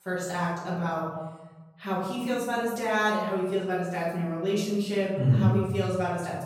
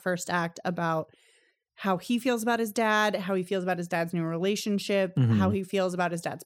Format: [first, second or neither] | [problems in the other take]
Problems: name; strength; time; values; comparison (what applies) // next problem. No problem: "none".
second | off-mic speech; far // room echo; noticeable; dies away in 1 s